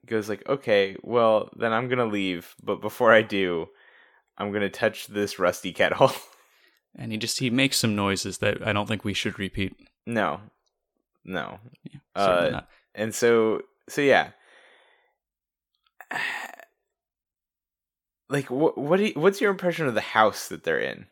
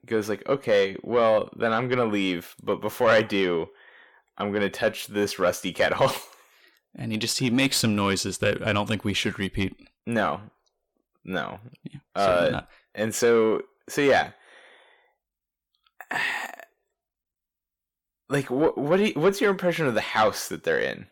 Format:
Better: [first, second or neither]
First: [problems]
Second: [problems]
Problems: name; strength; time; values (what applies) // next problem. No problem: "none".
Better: first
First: none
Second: distortion; slight; 10 dB below the speech